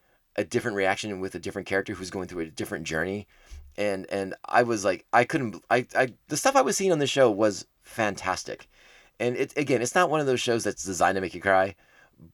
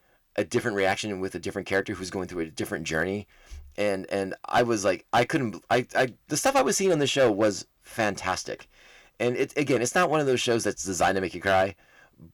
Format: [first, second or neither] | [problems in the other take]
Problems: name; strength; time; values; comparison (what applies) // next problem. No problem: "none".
first | distortion; slight; 3% of the sound clipped